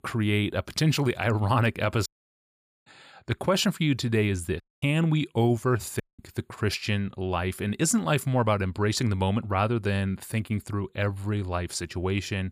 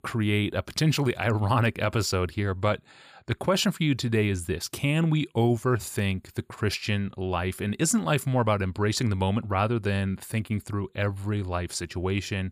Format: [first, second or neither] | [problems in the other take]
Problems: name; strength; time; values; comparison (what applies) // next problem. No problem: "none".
second | audio cutting out; at 2 s for 1 s, at 4.5 s and at 6 s